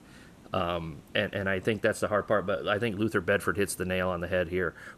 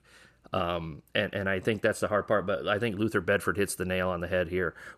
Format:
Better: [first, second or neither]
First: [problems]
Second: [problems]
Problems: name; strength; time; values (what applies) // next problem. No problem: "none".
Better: second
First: hiss; faint; throughout; 25 dB below the speech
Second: none